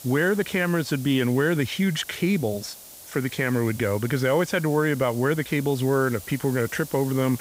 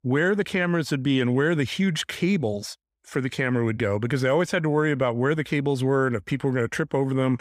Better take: second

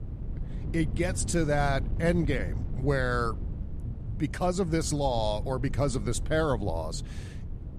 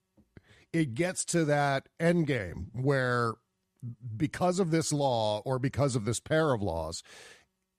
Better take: second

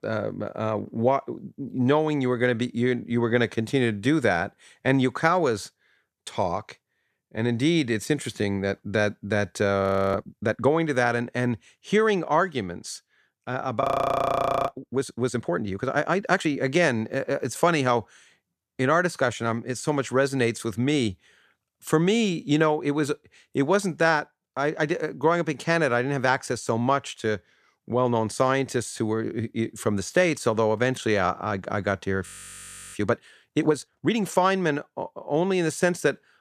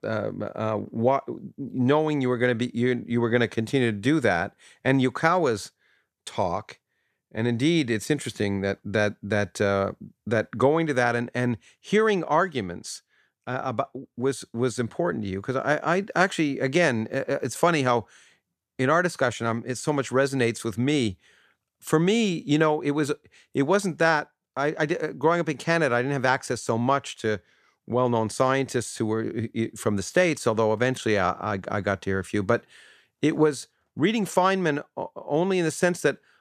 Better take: second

